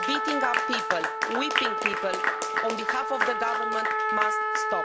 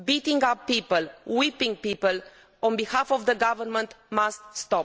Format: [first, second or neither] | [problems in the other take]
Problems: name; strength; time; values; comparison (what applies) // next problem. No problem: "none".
second | background sound (Trumpet + Applause / Clapping); 5 dB above the speech